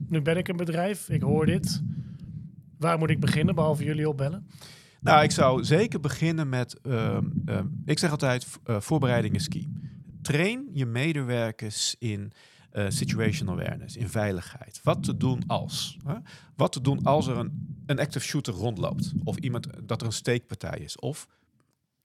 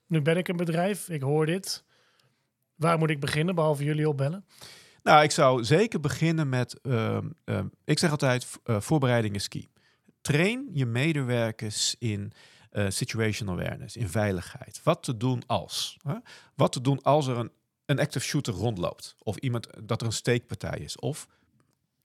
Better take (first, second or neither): second